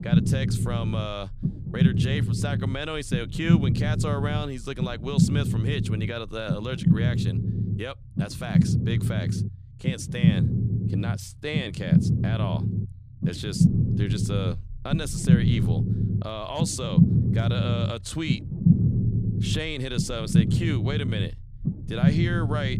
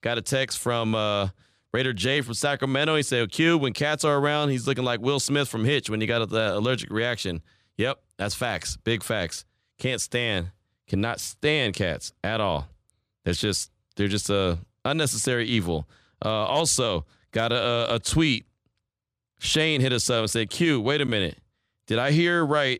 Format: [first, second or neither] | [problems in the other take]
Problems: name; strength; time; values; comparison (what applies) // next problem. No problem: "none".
second | low rumble; loud; throughout; 1 dB below the speech